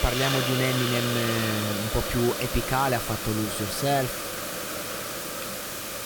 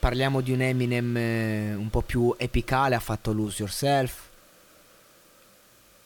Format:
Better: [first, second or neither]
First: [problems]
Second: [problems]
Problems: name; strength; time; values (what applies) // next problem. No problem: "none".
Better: second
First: hiss; loud; throughout; 2 dB below the speech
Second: hiss; faint; throughout; 25 dB below the speech